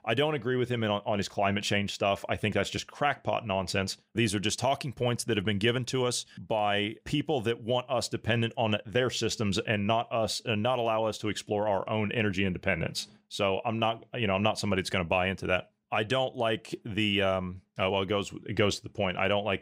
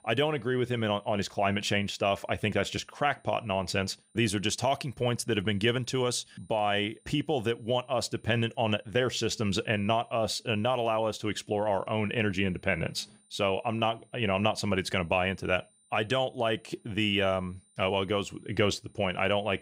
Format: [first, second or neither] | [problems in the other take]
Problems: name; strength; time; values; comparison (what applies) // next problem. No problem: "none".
first | high-pitched whine; faint; throughout; 9 kHz, 35 dB below the speech